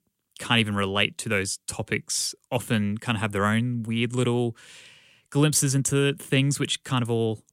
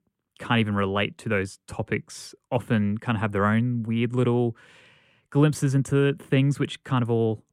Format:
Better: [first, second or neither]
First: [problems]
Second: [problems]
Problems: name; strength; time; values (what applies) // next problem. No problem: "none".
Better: first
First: none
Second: muffled; slightly; fading above 3 kHz